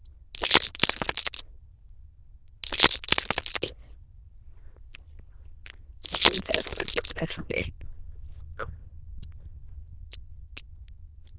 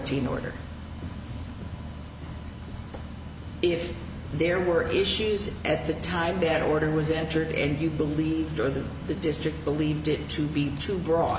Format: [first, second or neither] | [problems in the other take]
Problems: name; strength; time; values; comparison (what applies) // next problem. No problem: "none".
second | noise reduction (neural diffusion model UNIVERSE++)